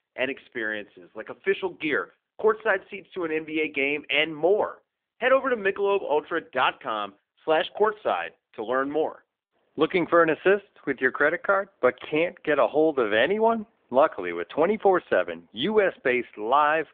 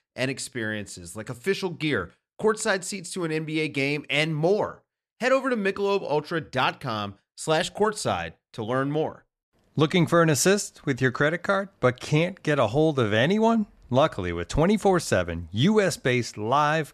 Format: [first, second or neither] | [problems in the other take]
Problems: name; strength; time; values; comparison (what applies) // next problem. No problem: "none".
second | phone-call audio; nothing above 3.5 kHz